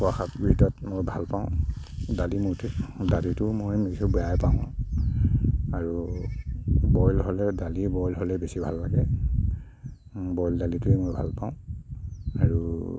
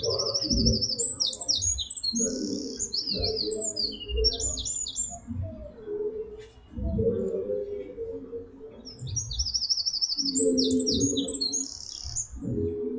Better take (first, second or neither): first